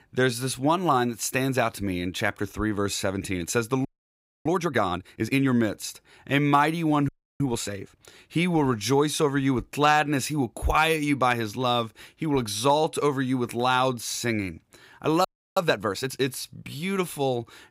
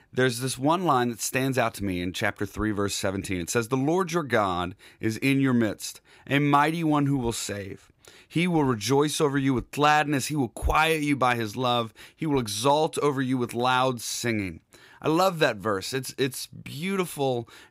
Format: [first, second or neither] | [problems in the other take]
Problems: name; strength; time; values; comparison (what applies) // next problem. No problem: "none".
second | audio freezing; at 4 s for 0.5 s, at 7 s and at 15 s